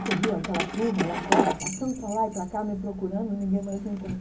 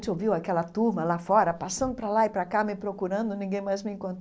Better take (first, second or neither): second